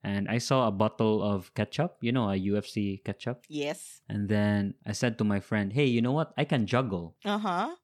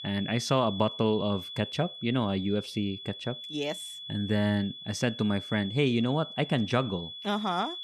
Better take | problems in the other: first | high-pitched whine; loud; throughout; 3.5 kHz, 10 dB below the speech

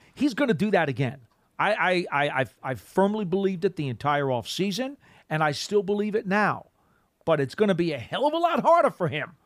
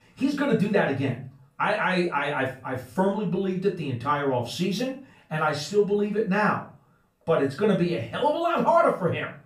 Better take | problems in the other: first | off-mic speech; far // room echo; slight; dies away in 0.3 s

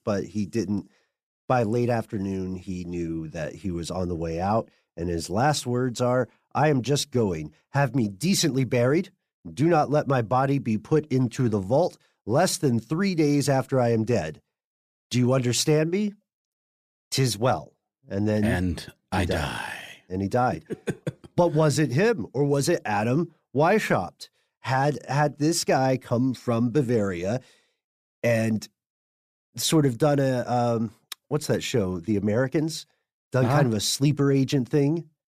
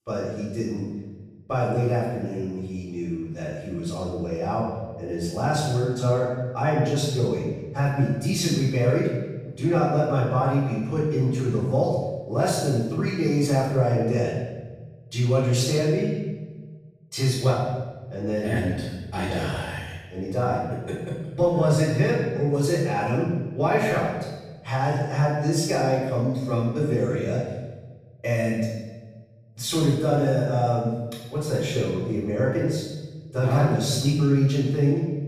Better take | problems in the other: first | off-mic speech; far // room echo; noticeable; dies away in 1.1 s

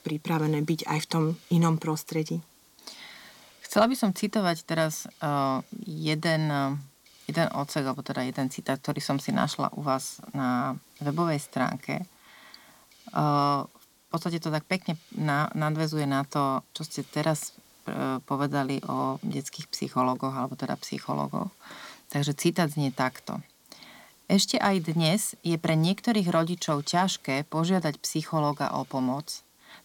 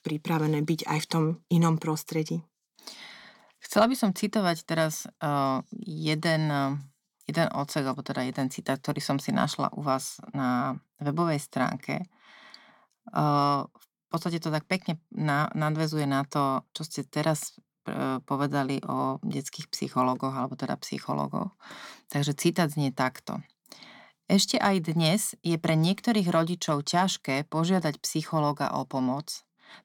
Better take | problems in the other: second | hiss; faint; throughout; 25 dB below the speech

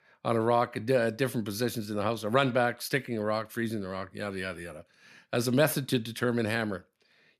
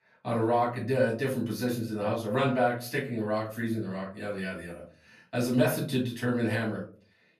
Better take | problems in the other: first | off-mic speech; far // room echo; slight; dies away in 0.3 s

